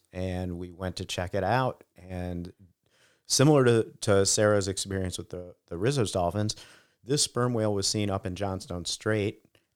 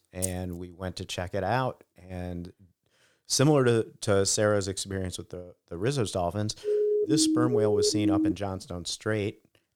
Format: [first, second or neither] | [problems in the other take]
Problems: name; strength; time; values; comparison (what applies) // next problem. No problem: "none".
first | jangling keys; noticeable; at the start; peak 6 dB below the speech // siren; loud; from 6.5 to 8.5 s; peak 3 dB above the speech